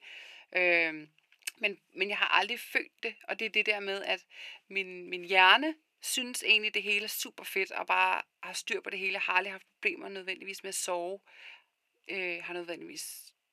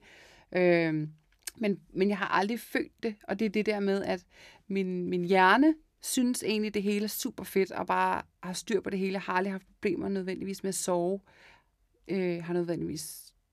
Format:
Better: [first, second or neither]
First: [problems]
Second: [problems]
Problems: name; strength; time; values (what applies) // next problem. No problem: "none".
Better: second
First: thin; very; fading below 550 Hz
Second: none